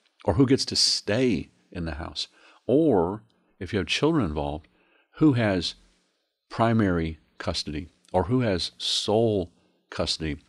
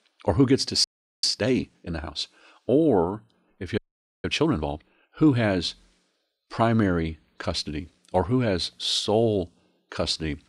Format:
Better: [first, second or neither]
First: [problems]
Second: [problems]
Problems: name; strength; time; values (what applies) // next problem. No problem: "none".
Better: first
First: none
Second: audio freezing; at 1 s and at 4 s